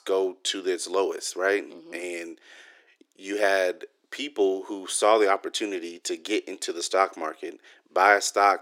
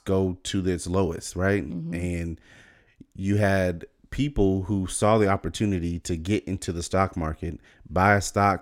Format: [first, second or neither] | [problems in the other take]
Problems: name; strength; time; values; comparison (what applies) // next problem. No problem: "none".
second | thin; very; fading below 350 Hz